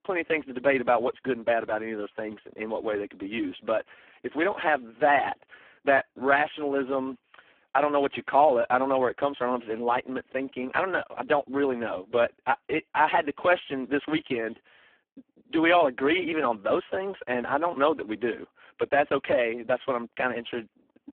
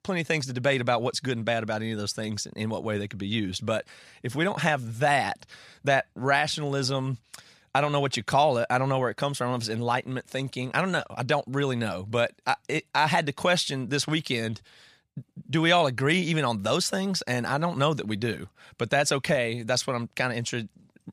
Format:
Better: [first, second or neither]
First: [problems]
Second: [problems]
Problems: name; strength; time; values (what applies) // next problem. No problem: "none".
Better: second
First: phone-call audio; poor line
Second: none